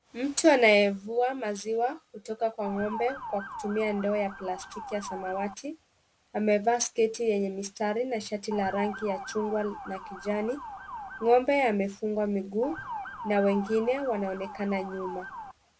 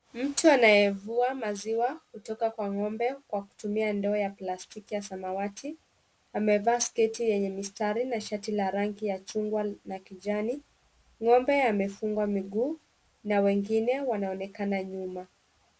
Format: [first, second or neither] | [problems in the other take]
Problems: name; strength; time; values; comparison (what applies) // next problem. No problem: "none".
second | background sound (Motor vehicle (road) / Siren); 11 dB below the speech